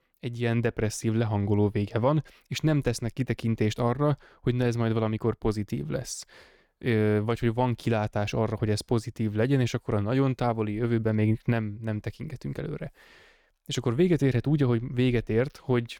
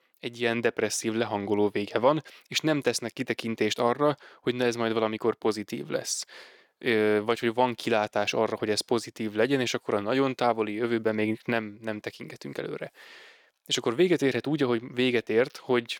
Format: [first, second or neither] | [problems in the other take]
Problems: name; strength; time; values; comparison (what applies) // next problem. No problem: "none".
first | thin; somewhat; fading below 300 Hz